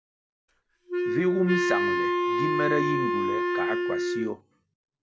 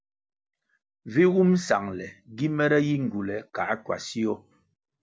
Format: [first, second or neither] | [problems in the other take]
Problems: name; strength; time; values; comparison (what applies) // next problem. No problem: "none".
second | background sound (Wind instrument, woodwind instrument); 5 dB above the speech